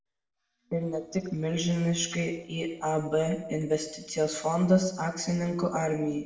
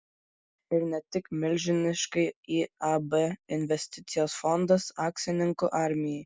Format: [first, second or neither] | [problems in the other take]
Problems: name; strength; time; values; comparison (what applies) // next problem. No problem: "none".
second | noise reduction (neural separator model SepFormer DNS4)